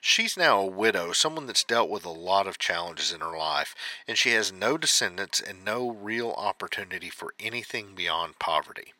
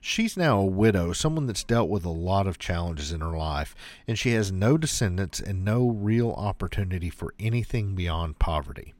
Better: second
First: thin; very; fading below 550 Hz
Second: none

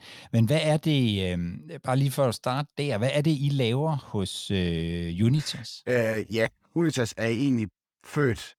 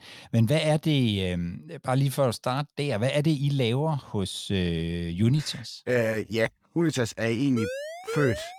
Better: first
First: none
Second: siren; noticeable; from 7.5 s on; peak 7 dB below the speech

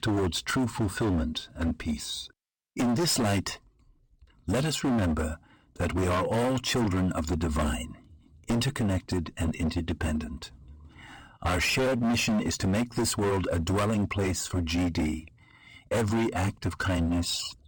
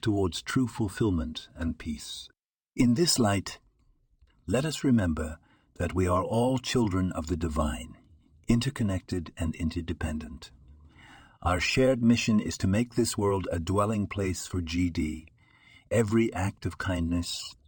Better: second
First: distortion; heavy; 19% of the sound clipped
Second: none

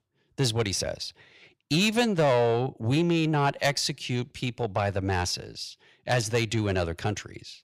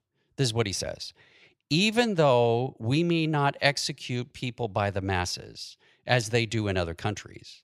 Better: second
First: distortion; slight; 10 dB below the speech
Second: none

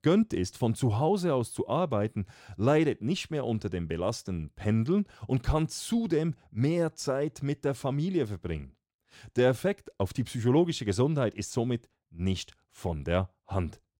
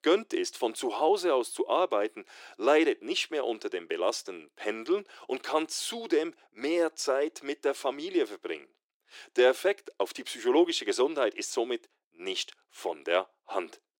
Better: first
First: none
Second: thin; very; fading below 350 Hz

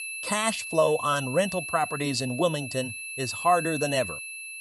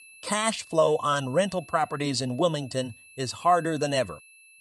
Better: second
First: high-pitched whine; loud; throughout; 2.5 kHz, 7 dB below the speech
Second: high-pitched whine; faint; throughout; 2.5 kHz, 25 dB below the speech

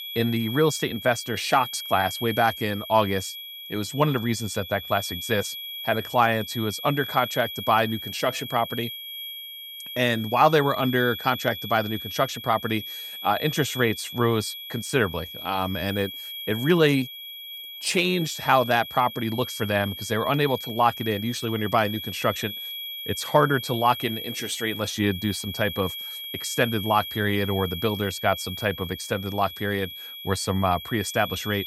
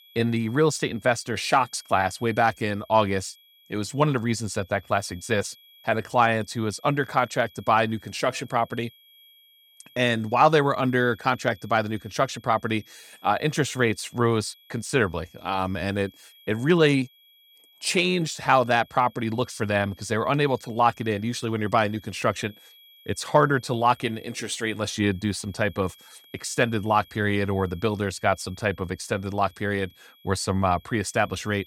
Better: second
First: high-pitched whine; loud; throughout; 3.5 kHz, 9 dB below the speech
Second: high-pitched whine; faint; throughout; 3.5 kHz, 25 dB below the speech

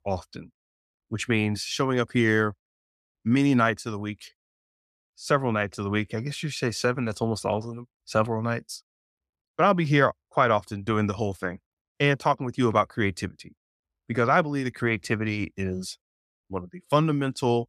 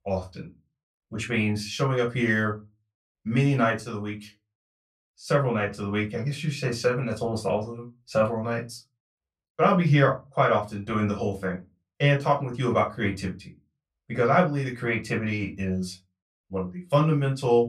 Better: first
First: none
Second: off-mic speech; far // room echo; very slight; dies away in 0.2 s

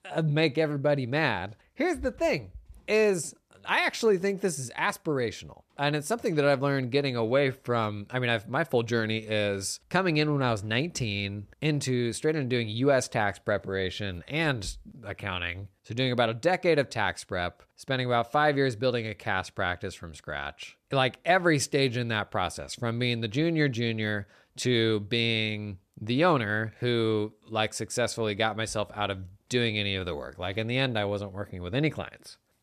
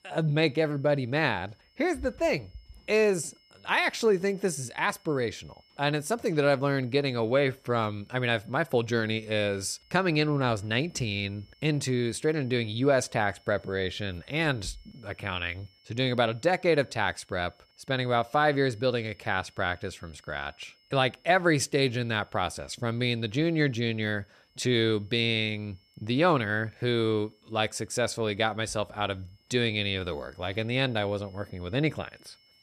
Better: first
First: none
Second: high-pitched whine; faint; throughout; 5 kHz, 35 dB below the speech

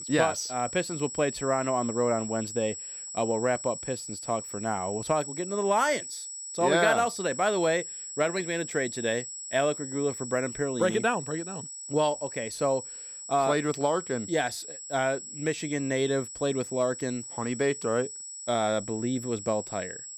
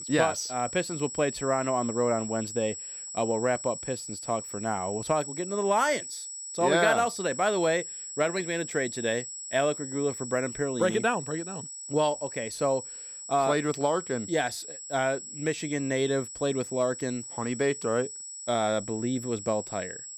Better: neither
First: high-pitched whine; loud; throughout; 7.5 kHz, 8 dB below the speech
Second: high-pitched whine; loud; throughout; 7.5 kHz, 8 dB below the speech

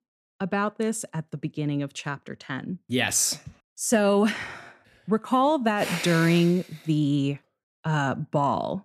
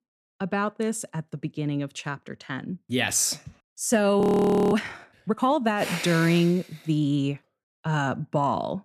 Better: first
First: none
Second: audio freezing; at 4 s for 0.5 s

